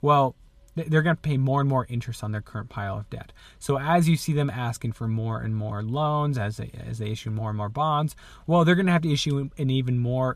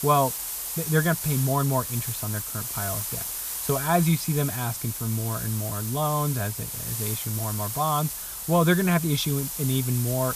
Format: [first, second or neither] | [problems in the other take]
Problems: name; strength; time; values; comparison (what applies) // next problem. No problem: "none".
first | hiss; loud; throughout; 4 dB below the speech